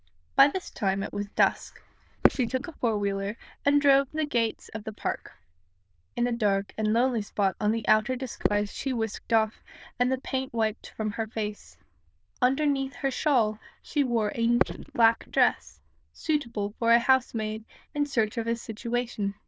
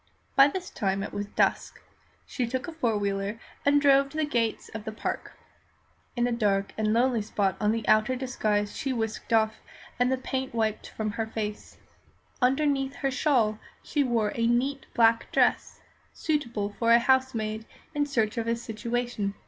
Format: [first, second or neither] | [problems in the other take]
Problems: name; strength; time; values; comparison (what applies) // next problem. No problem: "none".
second | noise reduction (neural diffusion model UNIVERSE++)